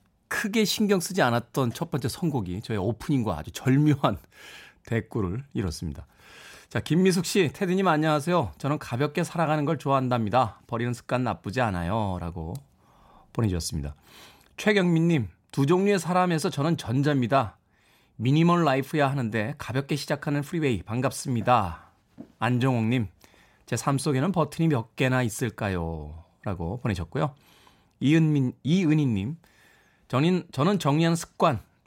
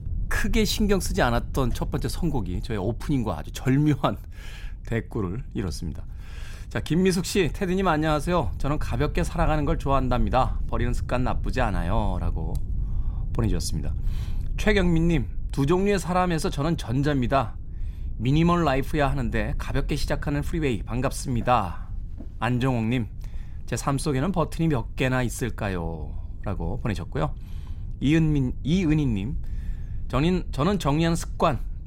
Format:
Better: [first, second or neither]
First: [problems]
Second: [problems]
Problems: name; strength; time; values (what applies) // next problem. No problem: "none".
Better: first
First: none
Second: low rumble; faint; throughout; 25 dB below the speech